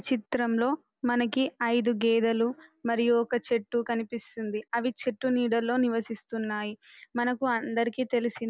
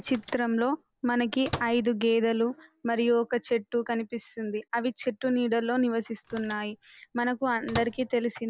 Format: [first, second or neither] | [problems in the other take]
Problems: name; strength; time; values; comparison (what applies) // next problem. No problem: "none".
first | background sound (Microwave oven); 14 dB below the speech